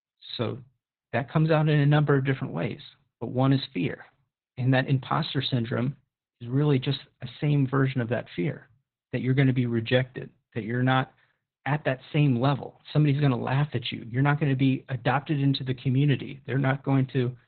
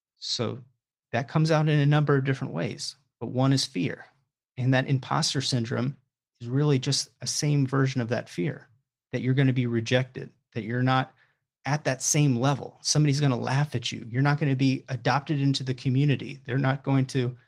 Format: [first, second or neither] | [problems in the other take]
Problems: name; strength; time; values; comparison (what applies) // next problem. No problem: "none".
second | garbled, watery; badly; nothing above 4 kHz; slightly in the second